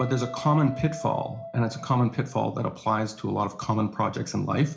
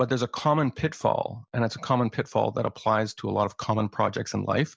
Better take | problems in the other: second | background sound (Guitar); 16 dB below the speech // room echo; dies away in 0.4 s

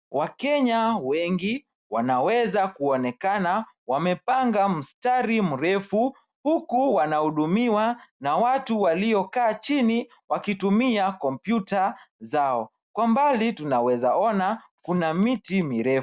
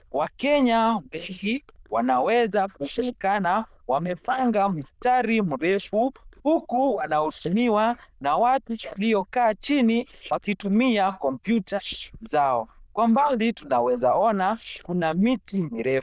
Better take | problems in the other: first | noise reduction (neural diffusion model UNIVERSE++)

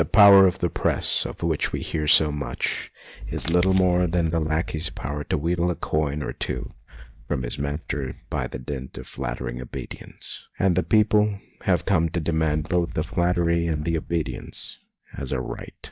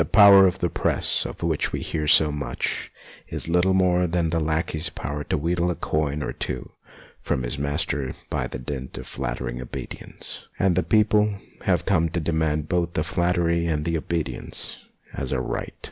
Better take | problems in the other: second | noise reduction (neural mask model DeepFilterNet 3)

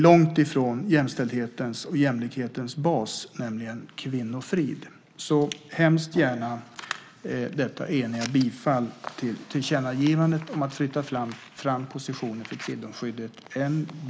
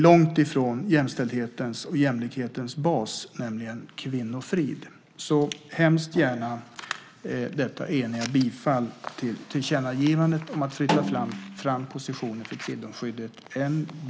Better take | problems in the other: first | background sound (Snare drum); 5 dB below the speech

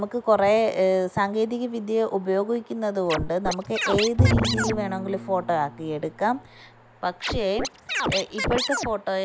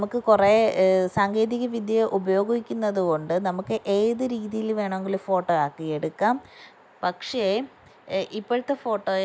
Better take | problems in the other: second | background sound (Bowed string instrument + Scratching (performance technique)); 2 dB below the speech

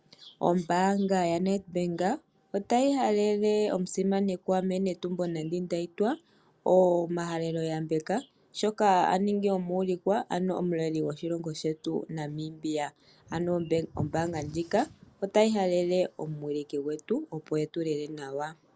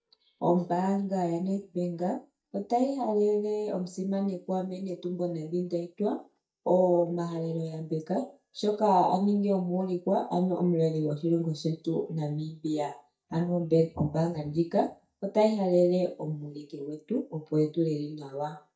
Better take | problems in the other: first | noise reduction (neural mask model DeepFilterNet 3)

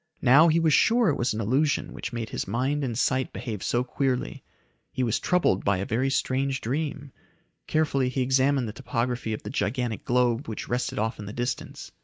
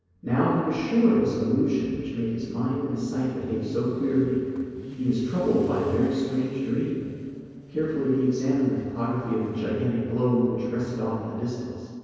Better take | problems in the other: first | noise reduction (neural separator model SepFormer DNS4)

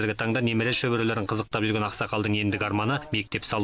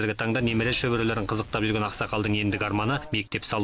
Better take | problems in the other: first | background sound (Explosion); 17 dB below the speech

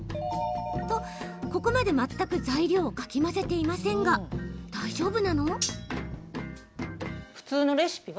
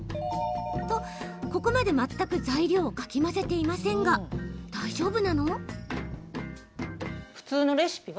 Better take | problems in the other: second | background sound (Cutlery, silverware); 10 dB below the speech

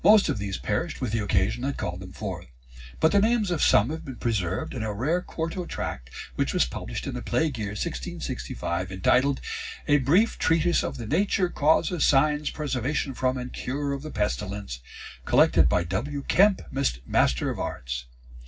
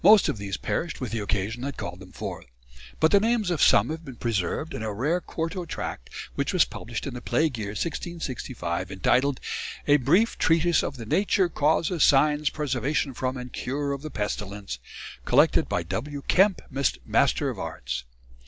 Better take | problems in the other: second | room echo; dies away in 0.4 s

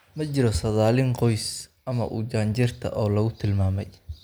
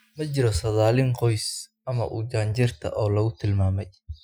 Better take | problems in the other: first | noise reduction (classical method Wiener filter)

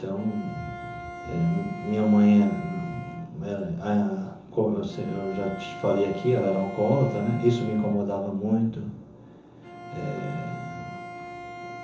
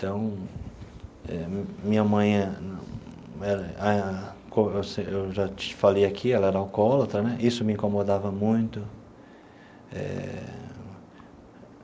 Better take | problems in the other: second | background sound (Bowed string instrument); 14 dB below the speech // room echo; dies away in 0.7 s

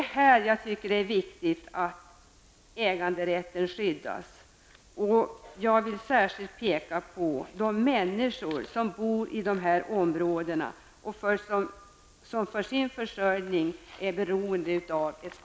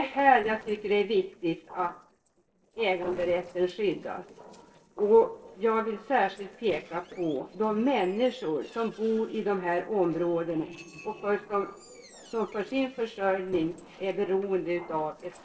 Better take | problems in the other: first | noise reduction (neural separator model SepFormer DNS4)

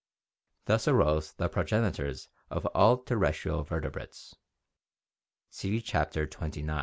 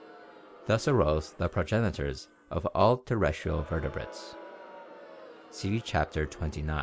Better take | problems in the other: first | background sound (Crowd); 19 dB below the speech

